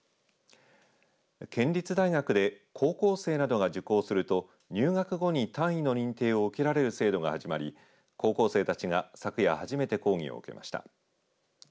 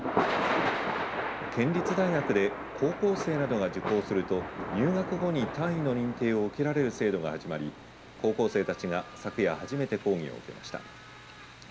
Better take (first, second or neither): first